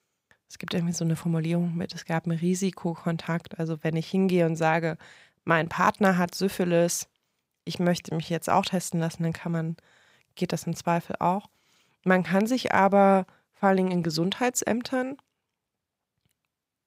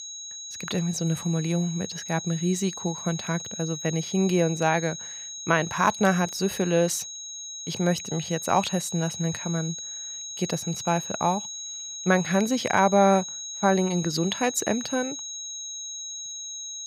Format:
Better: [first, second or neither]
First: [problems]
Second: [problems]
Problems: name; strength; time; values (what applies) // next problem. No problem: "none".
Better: first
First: none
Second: high-pitched whine; loud; throughout; 6.5 kHz, 8 dB below the speech